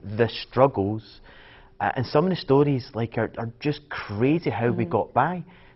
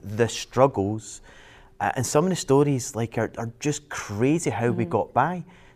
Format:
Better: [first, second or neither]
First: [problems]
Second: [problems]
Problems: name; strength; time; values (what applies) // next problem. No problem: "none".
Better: second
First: garbled, watery; badly; nothing above 5.5 kHz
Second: none